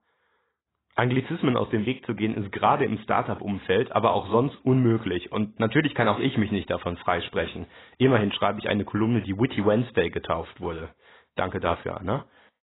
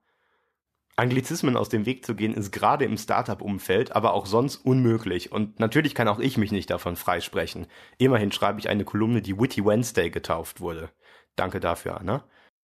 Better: second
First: garbled, watery; badly; nothing above 4 kHz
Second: none

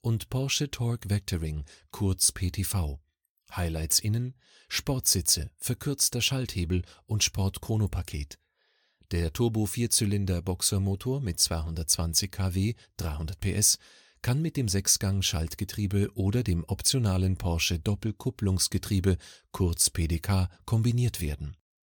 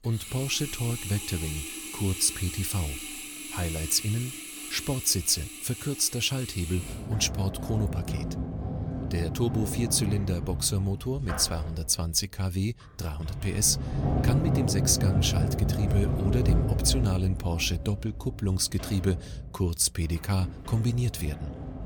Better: first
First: none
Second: household noises; loud; throughout; 5 dB below the speech

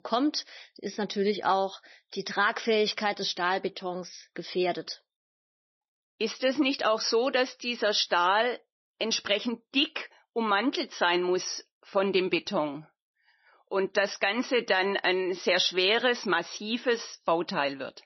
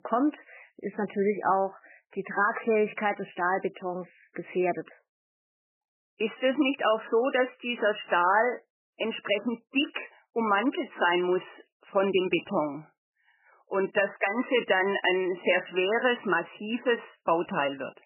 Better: first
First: garbled, watery; slightly; nothing above 6 kHz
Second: garbled, watery; badly; nothing above 3 kHz

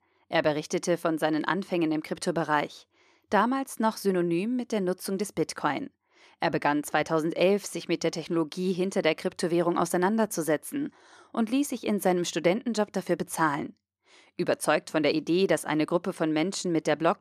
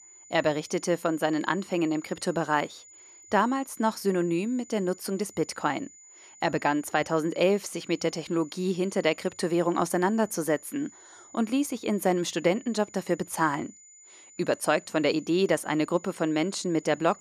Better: first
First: none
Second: high-pitched whine; faint; throughout; 7 kHz, 20 dB below the speech

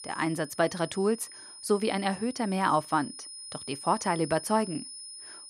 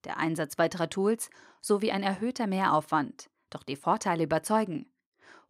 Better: second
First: high-pitched whine; noticeable; throughout; 9.5 kHz, 15 dB below the speech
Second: none

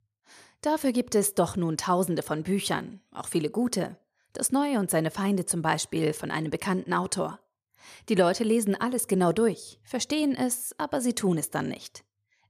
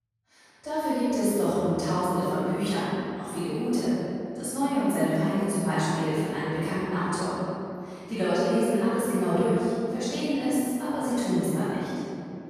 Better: first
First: none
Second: off-mic speech; far // room echo; strong; dies away in 2.8 s

